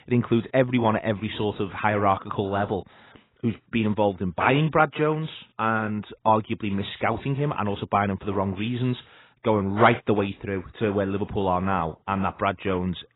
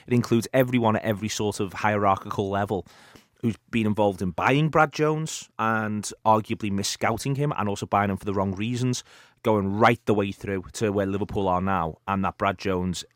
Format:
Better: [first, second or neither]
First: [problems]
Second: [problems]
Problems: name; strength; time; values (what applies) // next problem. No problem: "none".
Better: second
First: garbled, watery; badly; nothing above 4 kHz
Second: none